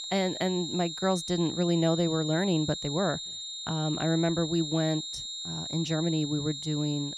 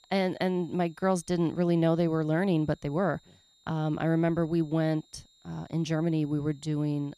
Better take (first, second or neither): second